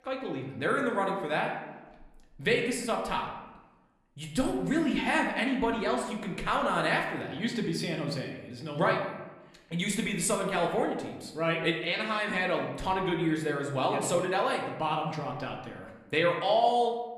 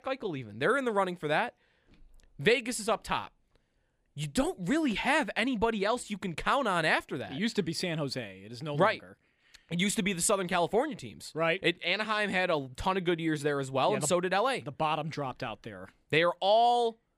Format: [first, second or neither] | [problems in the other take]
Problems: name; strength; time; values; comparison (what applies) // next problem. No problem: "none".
second | room echo; slight; dies away in 0.9 s // off-mic speech; somewhat distant